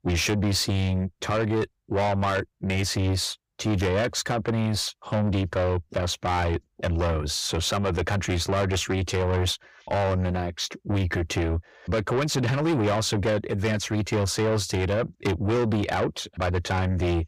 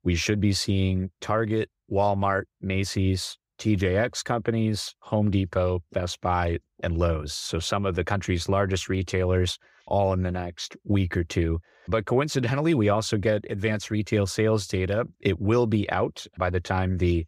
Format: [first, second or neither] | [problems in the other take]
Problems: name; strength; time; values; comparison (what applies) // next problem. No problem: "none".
second | distortion; heavy; 7 dB below the speech